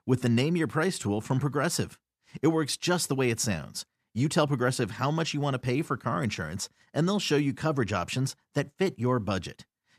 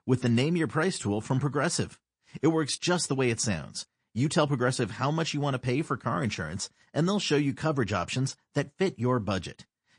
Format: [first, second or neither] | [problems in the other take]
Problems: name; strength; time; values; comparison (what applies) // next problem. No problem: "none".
first | garbled, watery; slightly; nothing above 9 kHz